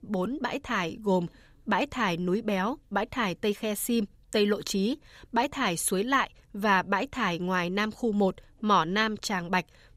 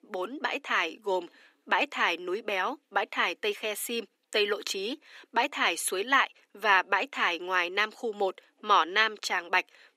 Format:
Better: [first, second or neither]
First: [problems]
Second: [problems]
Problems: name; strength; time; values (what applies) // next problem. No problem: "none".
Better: first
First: none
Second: thin; very; fading below 300 Hz